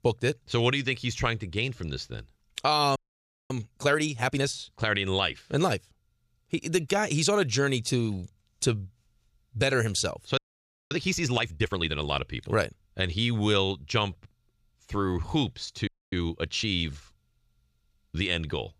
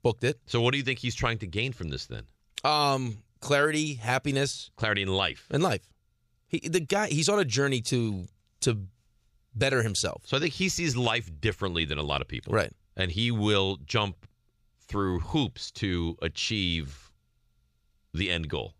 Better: second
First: audio freezing; at 3 s for 0.5 s, at 10 s for 0.5 s and at 16 s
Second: none

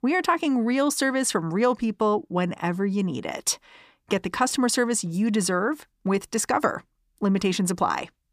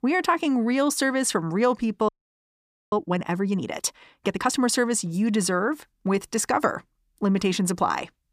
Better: first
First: none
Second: audio freezing; at 2 s for 1 s

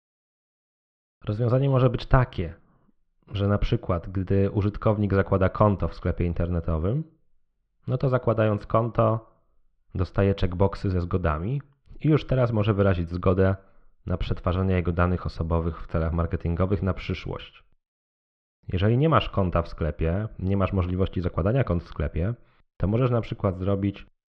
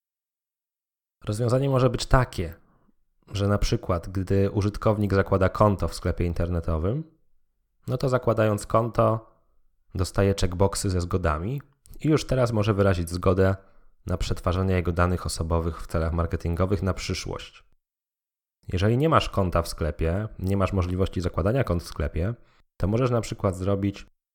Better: second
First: muffled; slightly; fading above 3.5 kHz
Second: none

